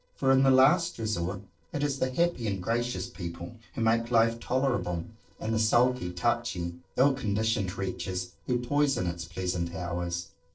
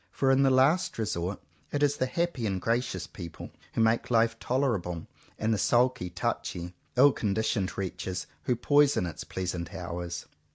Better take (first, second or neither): second